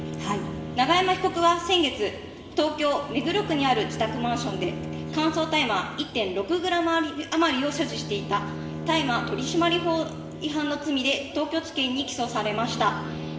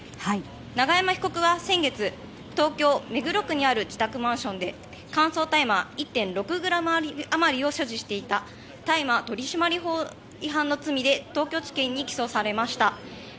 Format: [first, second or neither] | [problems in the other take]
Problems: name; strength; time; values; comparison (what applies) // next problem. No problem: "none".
second | background sound (Bowed string instrument); 10 dB below the speech // room echo; dies away in 1 s